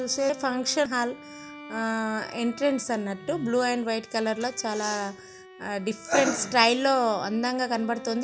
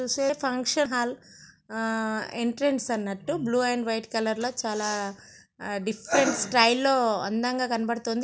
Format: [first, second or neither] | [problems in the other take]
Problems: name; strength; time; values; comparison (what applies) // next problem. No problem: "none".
second | background sound (Bowed string instrument); 18 dB below the speech